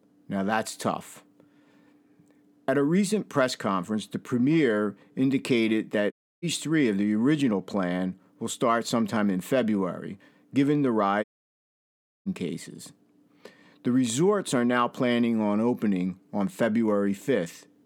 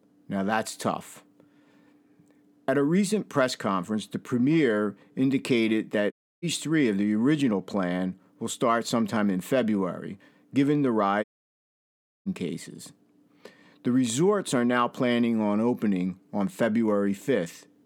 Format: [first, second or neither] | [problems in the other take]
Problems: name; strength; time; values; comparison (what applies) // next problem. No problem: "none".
neither | audio cutting out; at 6 s and at 11 s for 1 s; the same in both